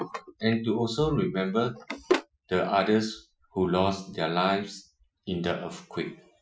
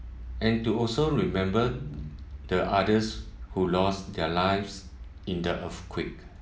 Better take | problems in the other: second | noise reduction (classical method Wiener filter)

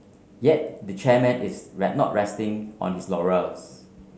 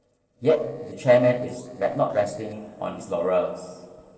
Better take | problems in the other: first | noise reduction (neural separator model SepFormer DNS4)

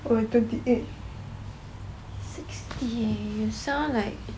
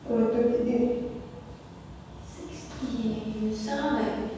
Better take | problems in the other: first | room echo; dies away in 1.2 s

